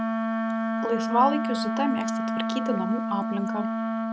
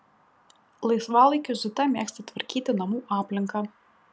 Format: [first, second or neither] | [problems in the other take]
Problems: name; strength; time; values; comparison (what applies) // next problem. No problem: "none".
second | background sound (Wind instrument, woodwind instrument); 2 dB above the speech